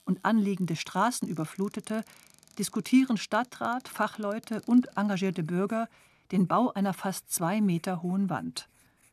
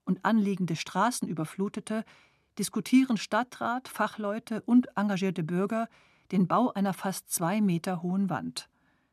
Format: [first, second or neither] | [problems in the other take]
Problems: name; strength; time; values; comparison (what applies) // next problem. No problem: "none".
second | household noises; faint; throughout; 30 dB below the speech